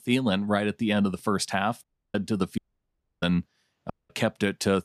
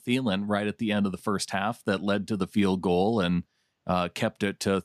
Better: second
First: audio cutting out; at 2 s, at 2.5 s for 0.5 s and at 4 s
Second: none

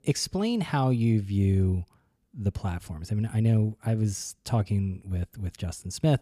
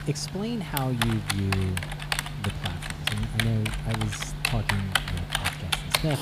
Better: first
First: none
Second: keyboard typing; loud; peak 6 dB above the speech

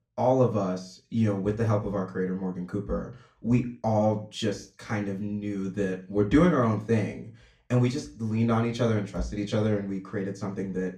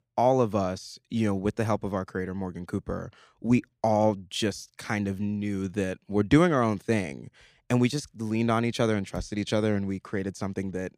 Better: second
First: room echo; very slight; dies away in 0.3 s // off-mic speech; far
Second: none

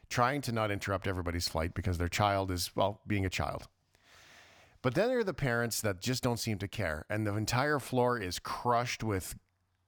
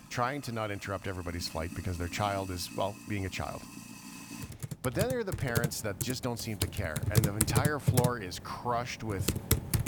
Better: first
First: none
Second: household noises; very loud; throughout; 1 dB above the speech

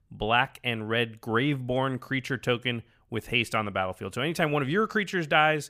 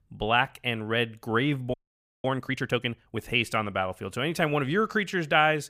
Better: first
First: none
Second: audio freezing; at 1.5 s for 0.5 s

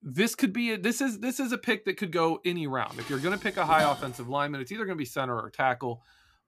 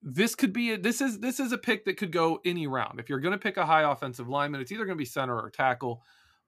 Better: second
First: clattering dishes; noticeable; from 3 to 4 s; peak 5 dB below the speech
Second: none

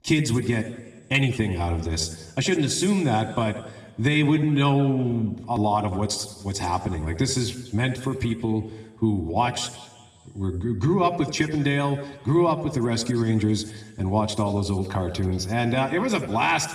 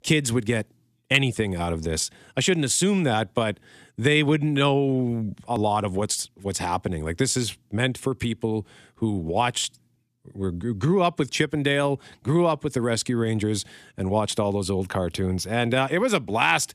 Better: second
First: room echo; slight; dies away in 1.1 s // off-mic speech; somewhat distant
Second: none

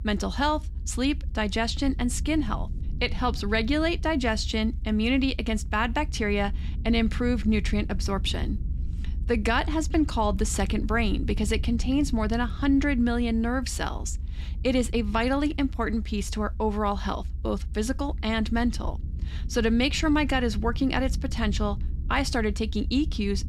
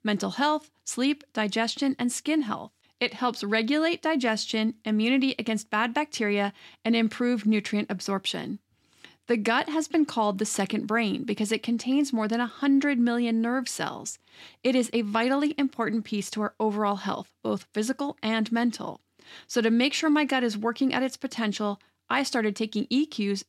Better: second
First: low rumble; faint; throughout; 20 dB below the speech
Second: none

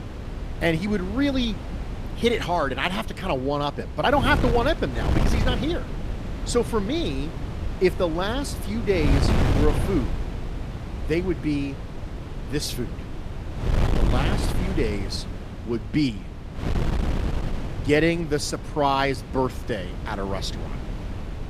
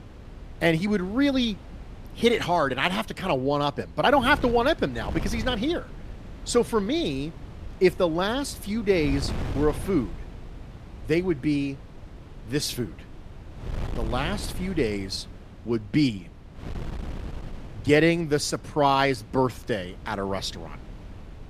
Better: second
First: wind noise on the microphone; heavy; 10 dB below the speech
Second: wind noise on the microphone; occasional gusts; 20 dB below the speech

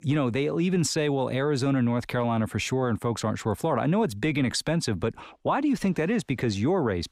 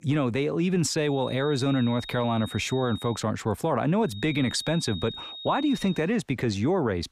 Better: first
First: none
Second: high-pitched whine; noticeable; from 1 to 3 s and from 4 to 6 s; 3.5 kHz, 15 dB below the speech

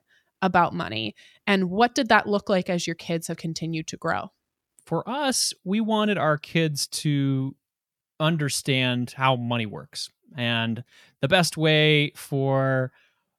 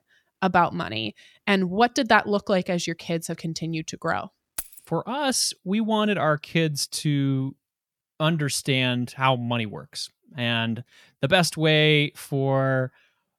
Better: first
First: none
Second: jangling keys; faint; at 4.5 s; peak 10 dB below the speech

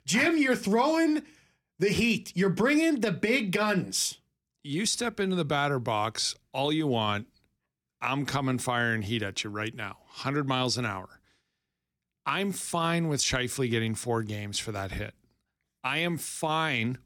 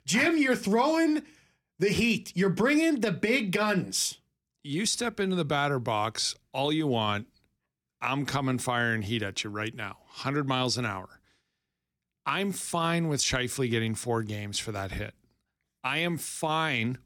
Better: neither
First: none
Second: none

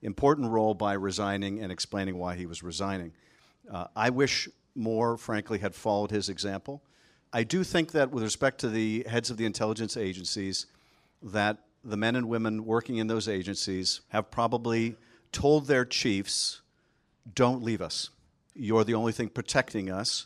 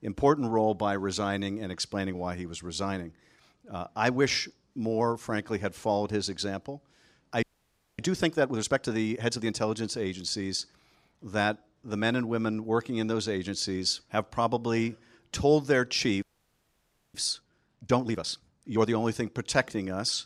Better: first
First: none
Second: audio freezing; at 7.5 s for 0.5 s and at 16 s for 1 s

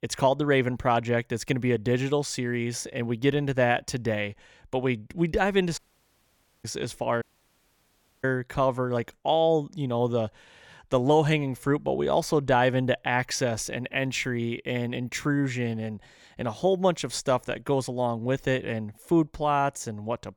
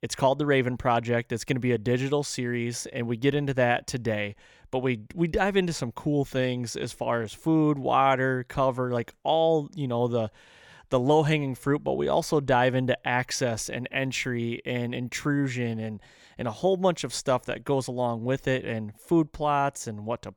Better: second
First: audio cutting out; at 6 s for 1 s and at 7 s for 1 s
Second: none

